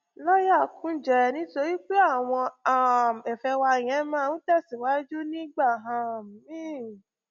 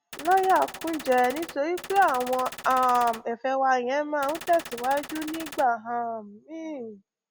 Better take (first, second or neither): first